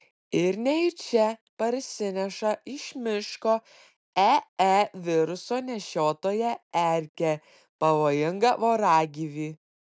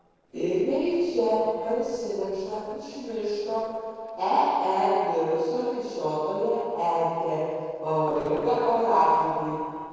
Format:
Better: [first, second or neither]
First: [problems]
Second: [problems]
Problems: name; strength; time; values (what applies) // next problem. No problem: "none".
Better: first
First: none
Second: noise reduction (neural separator model SepFormer DNS4)